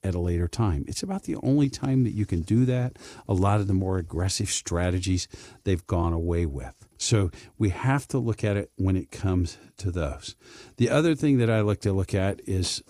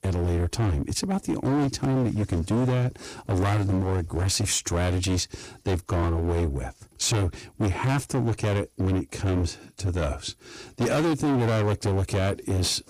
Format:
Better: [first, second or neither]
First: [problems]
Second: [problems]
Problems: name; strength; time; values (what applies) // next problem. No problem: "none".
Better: first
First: none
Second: distortion; heavy; 24% of the sound clipped